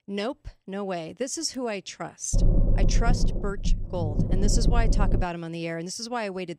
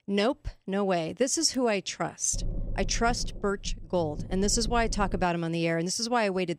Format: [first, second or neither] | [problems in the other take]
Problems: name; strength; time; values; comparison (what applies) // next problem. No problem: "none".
second | low rumble; loud; from 2.5 to 5 s; 6 dB below the speech; faint in the second